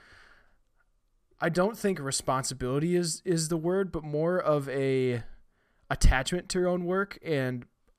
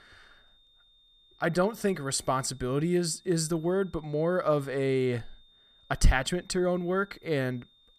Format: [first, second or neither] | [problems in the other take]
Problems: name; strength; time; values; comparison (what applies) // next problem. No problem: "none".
first | high-pitched whine; faint; throughout; 3.5 kHz, 30 dB below the speech